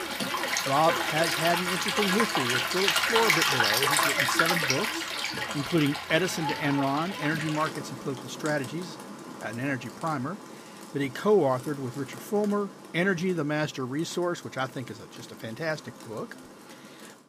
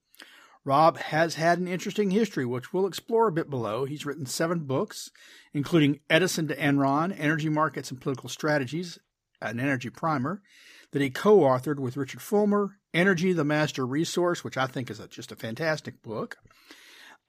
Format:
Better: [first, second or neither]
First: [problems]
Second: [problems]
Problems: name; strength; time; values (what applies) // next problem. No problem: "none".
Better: second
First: rain or running water; very loud; throughout; 3 dB above the speech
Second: none